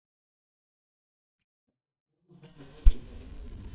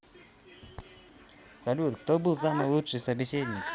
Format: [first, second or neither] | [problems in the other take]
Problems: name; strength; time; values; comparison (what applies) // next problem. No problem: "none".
second | noise reduction (neural mask model DeepFilterNet 3)